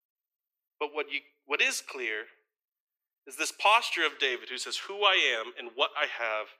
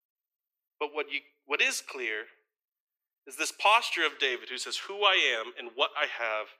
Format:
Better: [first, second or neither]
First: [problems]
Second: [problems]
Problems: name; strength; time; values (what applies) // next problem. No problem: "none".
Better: neither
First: thin; very; fading below 400 Hz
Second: thin; very; fading below 400 Hz